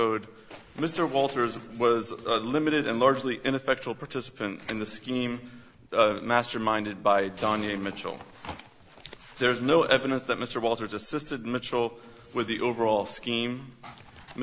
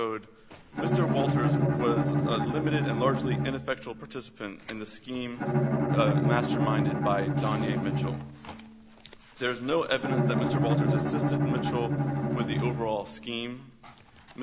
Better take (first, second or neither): first